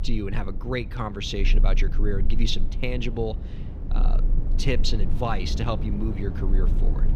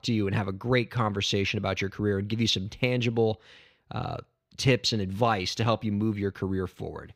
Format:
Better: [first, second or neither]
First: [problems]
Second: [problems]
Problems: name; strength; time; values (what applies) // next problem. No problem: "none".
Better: second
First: low rumble; noticeable; throughout; 10 dB below the speech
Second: none